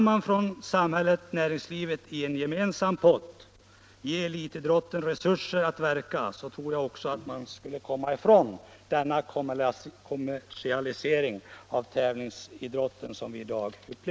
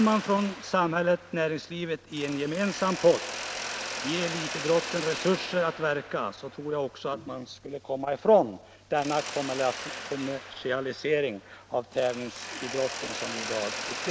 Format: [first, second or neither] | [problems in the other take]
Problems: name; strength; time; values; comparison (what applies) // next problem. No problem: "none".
first | background sound (Mechanisms); 10 dB below the speech